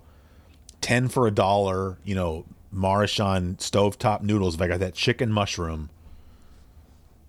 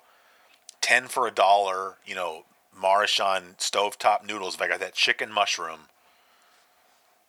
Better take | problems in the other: first | thin; very; fading below 800 Hz

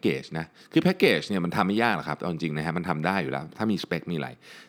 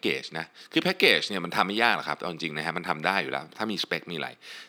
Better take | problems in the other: first | thin; somewhat; fading below 600 Hz

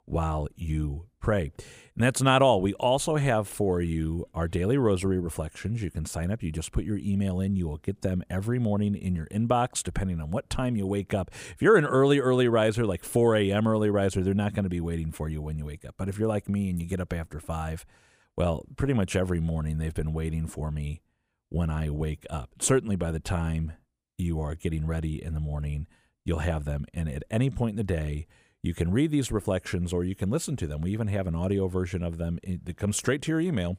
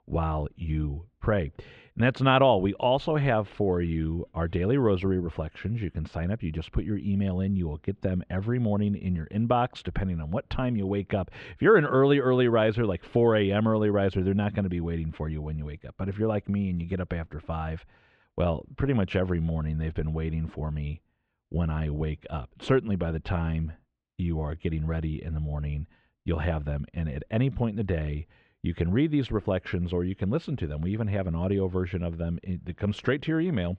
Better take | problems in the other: first | muffled; very; fading above 3.5 kHz

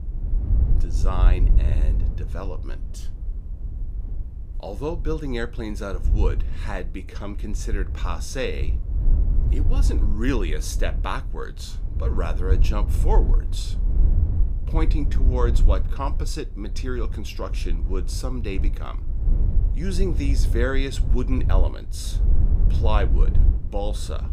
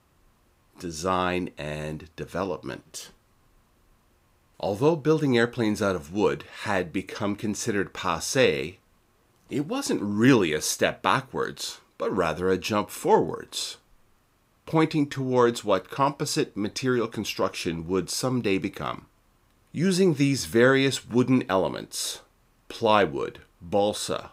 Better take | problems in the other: second | wind noise on the microphone; occasional gusts; 10 dB below the speech

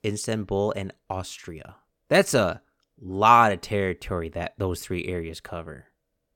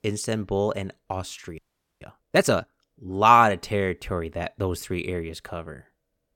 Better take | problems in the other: first | audio freezing; at 1.5 s

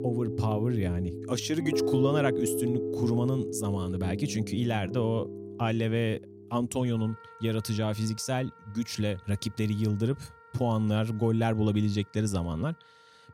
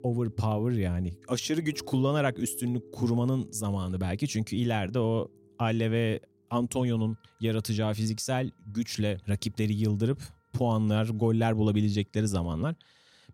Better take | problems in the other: second | background music; loud; throughout; 4 dB below the speech; faint in the second

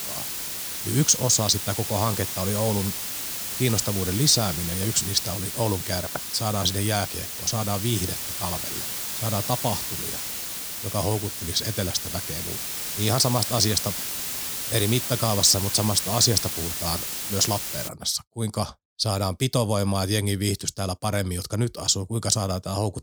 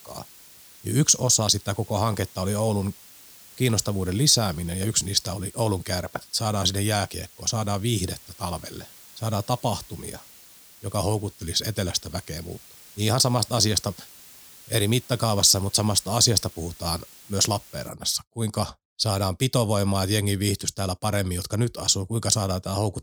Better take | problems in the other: second | hiss; loud; until 18 s; 4 dB below the speech; faint in the second

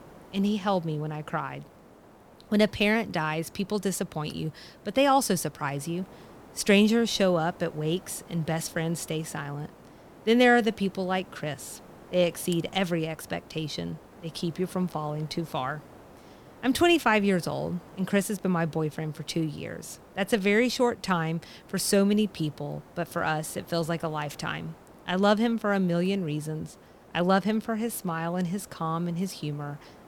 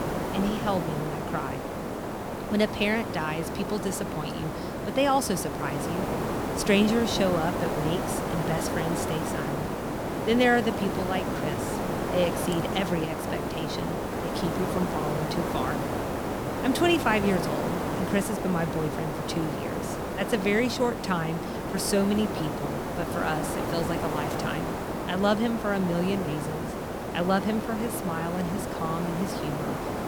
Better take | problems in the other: first | hiss; loud; throughout; 2 dB below the speech; faint in the first

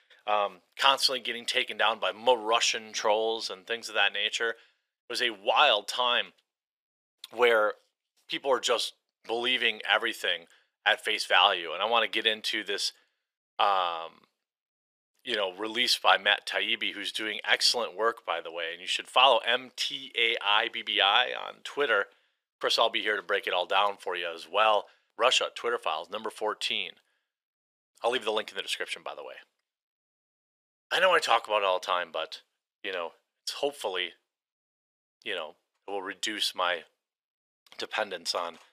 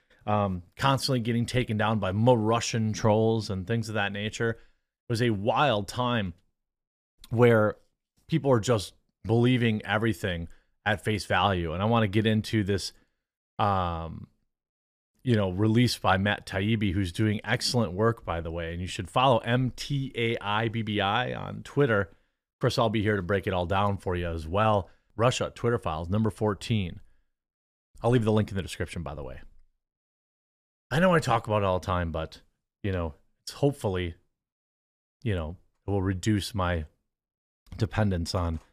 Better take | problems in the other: second | thin; very; fading below 500 Hz

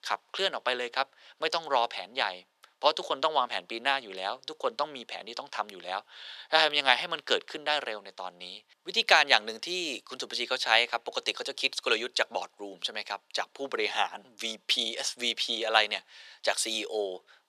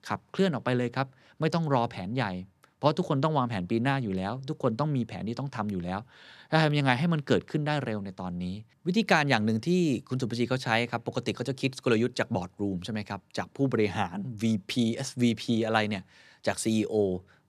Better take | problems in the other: second | thin; very; fading below 550 Hz

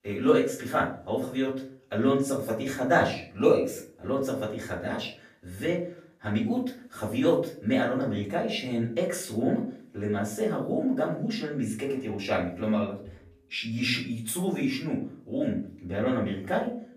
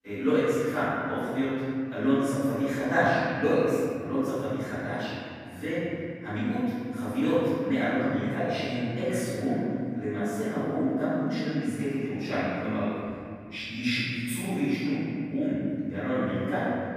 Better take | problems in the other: first | room echo; strong; dies away in 3 s; slight in the first // off-mic speech; far; far in the first

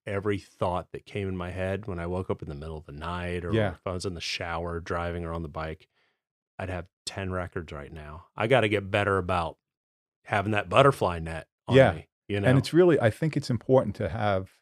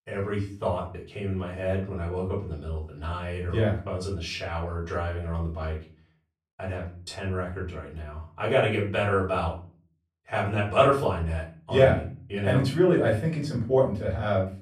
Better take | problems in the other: first | off-mic speech; far // room echo; slight; dies away in 0.4 s

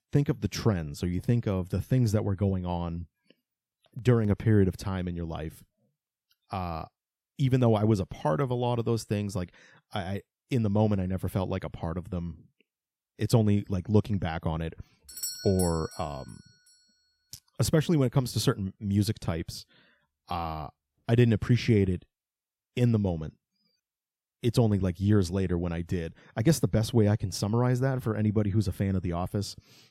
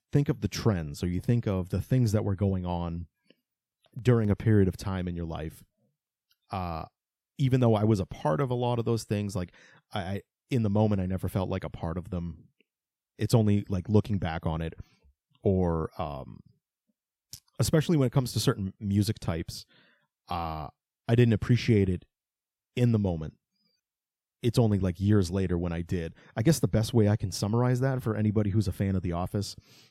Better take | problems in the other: second | doorbell; noticeable; at 15 s; peak 6 dB below the speech

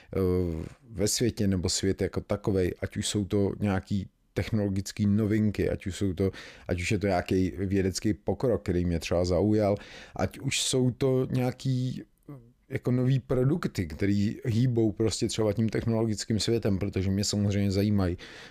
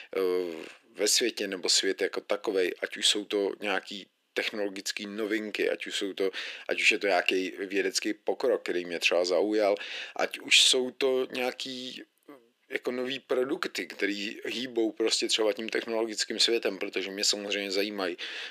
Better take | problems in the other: first | thin; very; fading below 350 Hz

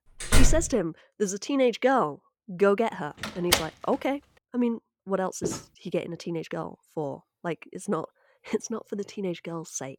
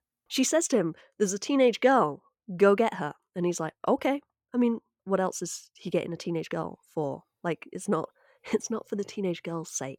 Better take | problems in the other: second | door banging; loud; at 0.5 s and at 3 s; peak 5 dB above the speech // footsteps; noticeable; at 5.5 s; peak 5 dB below the speech

